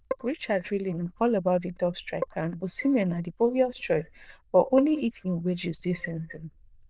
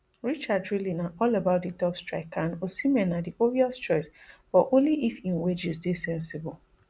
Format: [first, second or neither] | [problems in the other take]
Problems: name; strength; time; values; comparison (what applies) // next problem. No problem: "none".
second | noise reduction (neural diffusion model UNIVERSE++)